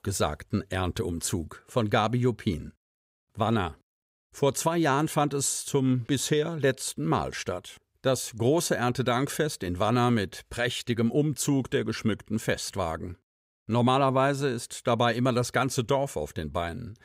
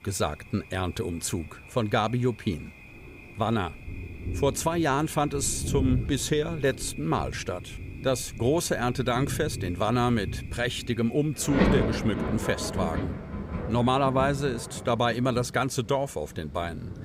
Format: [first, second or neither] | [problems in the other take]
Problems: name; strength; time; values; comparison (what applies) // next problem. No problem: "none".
first | rain or running water; loud; throughout; 6 dB below the speech